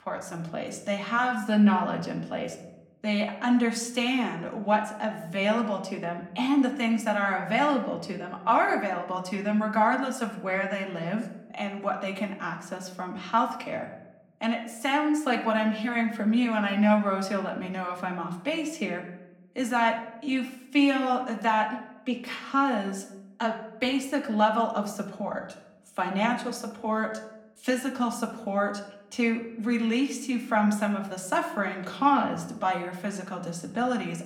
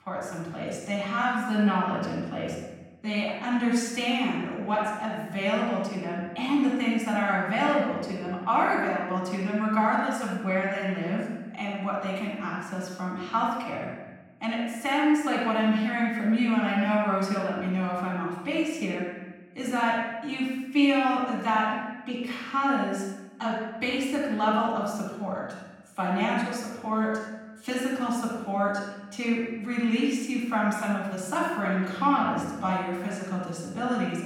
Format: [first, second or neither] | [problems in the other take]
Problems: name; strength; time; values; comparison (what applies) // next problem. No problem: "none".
first | room echo; strong; dies away in 1.1 s; slight in the first // off-mic speech; far; somewhat distant in the first